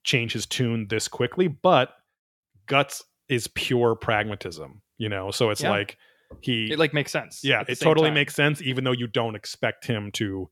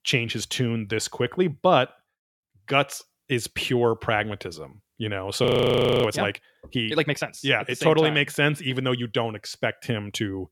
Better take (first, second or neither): first